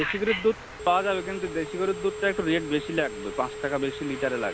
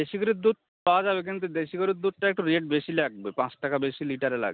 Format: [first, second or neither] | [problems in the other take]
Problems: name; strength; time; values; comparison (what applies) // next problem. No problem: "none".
second | background sound (Telephone); 8 dB below the speech